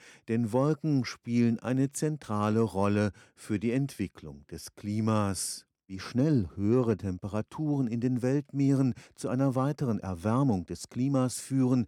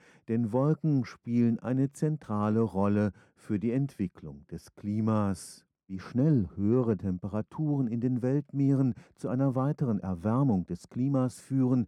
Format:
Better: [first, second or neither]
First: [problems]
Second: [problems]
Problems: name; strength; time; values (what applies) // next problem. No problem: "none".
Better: first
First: none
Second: muffled; slightly; fading above 2 kHz